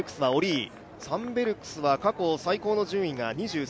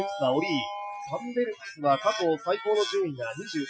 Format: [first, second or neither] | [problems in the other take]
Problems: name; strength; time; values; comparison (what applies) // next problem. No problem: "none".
first | noise reduction (classical method Wiener filter)